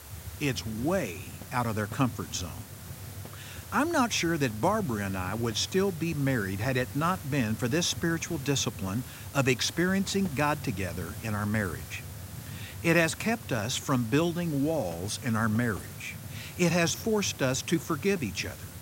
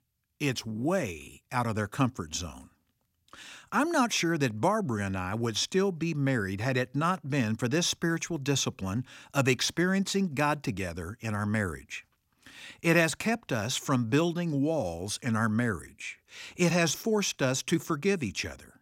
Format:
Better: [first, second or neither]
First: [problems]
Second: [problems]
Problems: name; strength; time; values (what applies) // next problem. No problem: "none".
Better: second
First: hiss; noticeable; throughout; 15 dB below the speech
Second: none